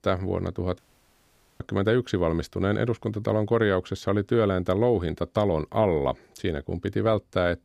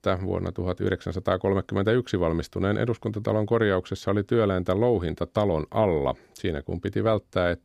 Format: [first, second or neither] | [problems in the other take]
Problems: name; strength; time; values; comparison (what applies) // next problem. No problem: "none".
second | audio cutting out; at 1 s for 1 s